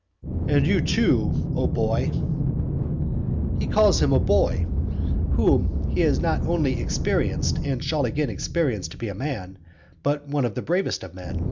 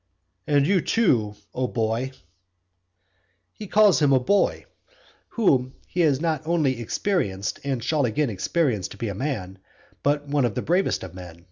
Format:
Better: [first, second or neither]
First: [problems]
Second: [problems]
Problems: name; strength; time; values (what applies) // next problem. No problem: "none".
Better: second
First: background sound (Aircraft); as loud as the speech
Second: none